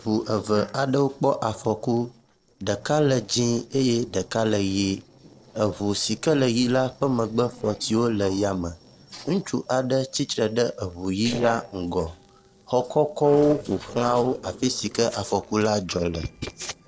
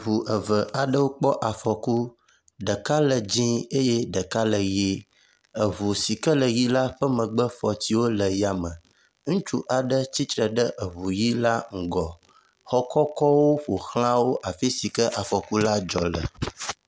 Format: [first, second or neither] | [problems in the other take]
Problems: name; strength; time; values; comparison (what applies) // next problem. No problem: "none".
second | noise reduction (neural separator model SepFormer DNS4)